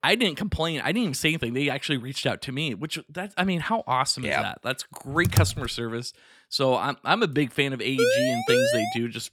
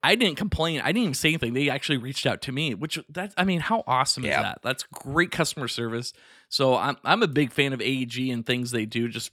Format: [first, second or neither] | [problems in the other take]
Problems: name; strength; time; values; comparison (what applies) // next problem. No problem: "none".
second | keyboard typing; loud; at 5 s; peak 2 dB above the speech // siren; loud; at 8 s; peak 4 dB above the speech